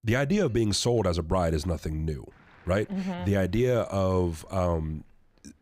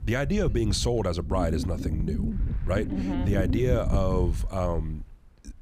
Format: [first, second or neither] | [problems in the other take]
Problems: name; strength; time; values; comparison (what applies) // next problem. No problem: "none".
first | wind noise on the microphone; heavy; 9 dB below the speech